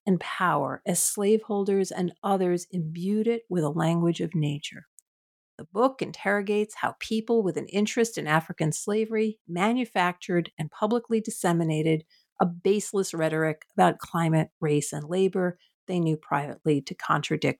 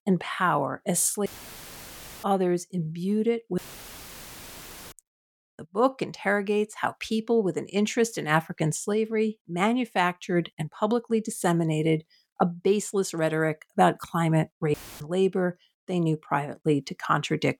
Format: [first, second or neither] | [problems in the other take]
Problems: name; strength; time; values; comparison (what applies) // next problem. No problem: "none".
first | audio cutting out; filled with static; at 1.5 s for 1 s, at 3.5 s for 1.5 s and at 15 s